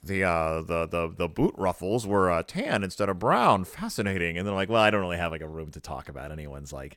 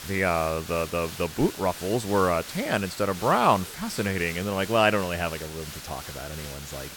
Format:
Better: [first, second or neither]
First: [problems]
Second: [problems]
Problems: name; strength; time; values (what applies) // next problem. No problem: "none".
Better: first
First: none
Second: hiss; noticeable; throughout; 10 dB below the speech